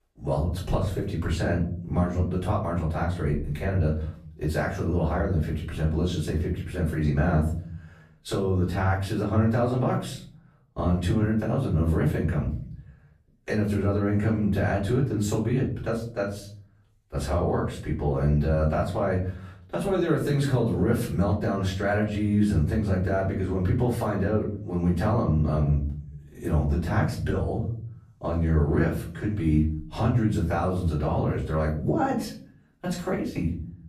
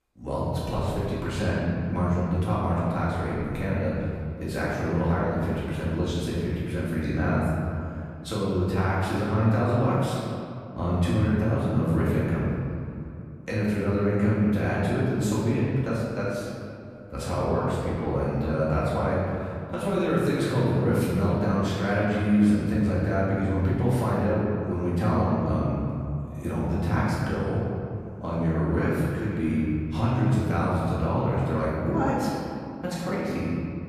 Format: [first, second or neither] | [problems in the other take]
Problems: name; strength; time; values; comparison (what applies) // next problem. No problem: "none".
first | room echo; strong; dies away in 2.4 s; slight in the first // off-mic speech; far; far in the first